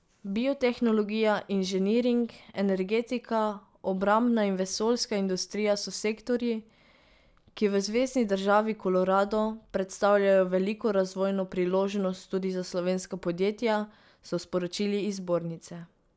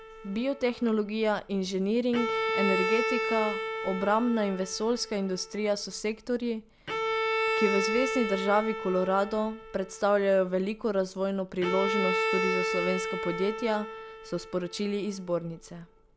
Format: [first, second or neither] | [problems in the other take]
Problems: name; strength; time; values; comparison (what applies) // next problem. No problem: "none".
first | background sound (Bowed string instrument); 4 dB below the speech